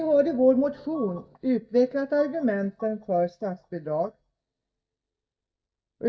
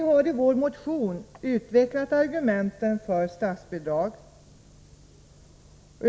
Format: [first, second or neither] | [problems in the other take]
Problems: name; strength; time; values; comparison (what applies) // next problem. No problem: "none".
second | noise reduction (neural mask model DeepFilterNet 3)